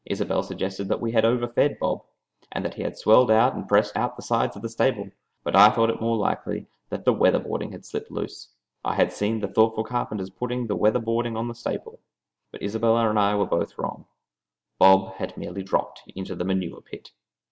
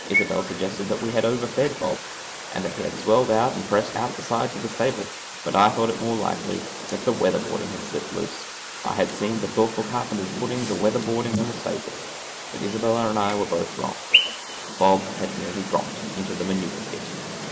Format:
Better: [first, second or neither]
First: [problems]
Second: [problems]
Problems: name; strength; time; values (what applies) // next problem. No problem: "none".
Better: first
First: none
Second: noise reduction (neural mask model Resemble Enhance denoiser)